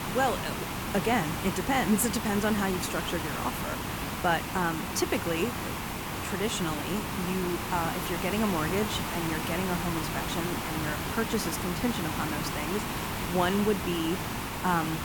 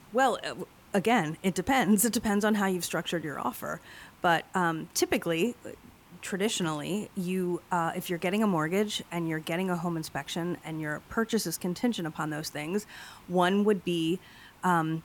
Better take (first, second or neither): second